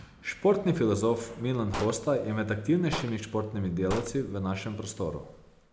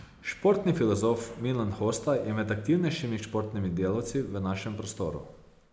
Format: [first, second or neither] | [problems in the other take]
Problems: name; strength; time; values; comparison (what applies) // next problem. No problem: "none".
second | background sound (Gunshot, gunfire); 12 dB below the speech